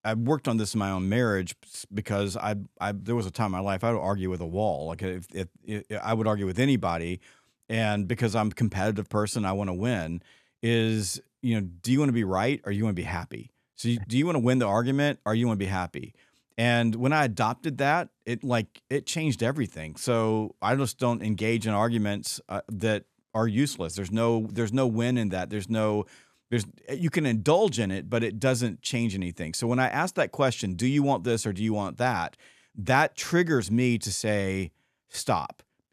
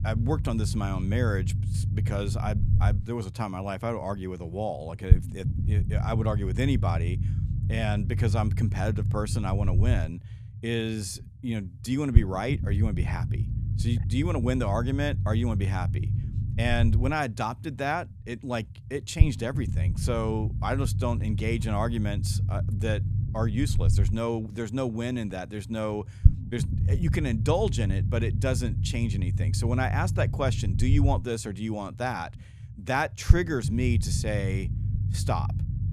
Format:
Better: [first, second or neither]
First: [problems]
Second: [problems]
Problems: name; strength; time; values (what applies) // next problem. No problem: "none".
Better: first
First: none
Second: low rumble; loud; throughout; 9 dB below the speech